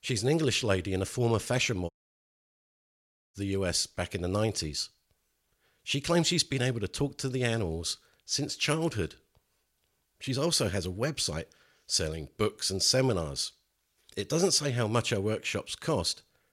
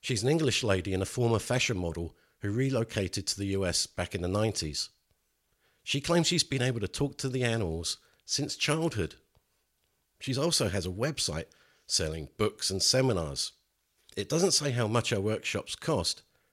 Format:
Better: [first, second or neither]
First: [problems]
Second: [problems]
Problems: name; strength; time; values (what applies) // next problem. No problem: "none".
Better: second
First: audio cutting out; at 2 s for 1.5 s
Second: none